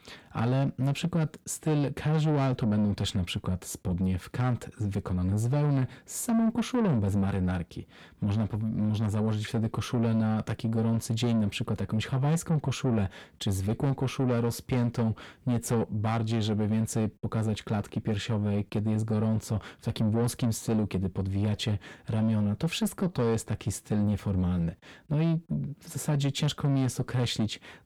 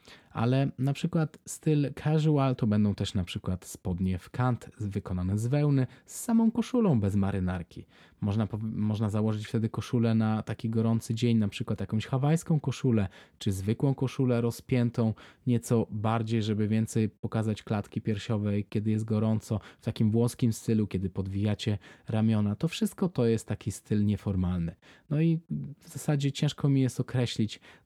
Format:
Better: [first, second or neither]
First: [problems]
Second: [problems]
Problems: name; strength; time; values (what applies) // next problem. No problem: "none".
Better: second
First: distortion; slight; 10 dB below the speech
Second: none